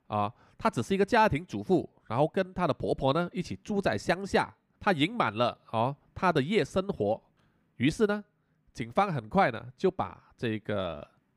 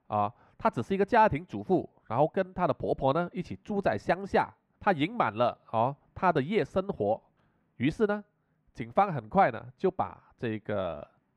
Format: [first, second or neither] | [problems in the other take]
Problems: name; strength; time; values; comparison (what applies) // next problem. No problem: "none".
first | muffled; slightly; fading above 3.5 kHz